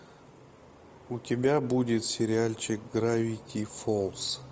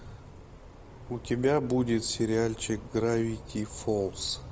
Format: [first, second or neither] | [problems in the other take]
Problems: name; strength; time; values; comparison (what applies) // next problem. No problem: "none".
first | background sound (Wind); 16 dB below the speech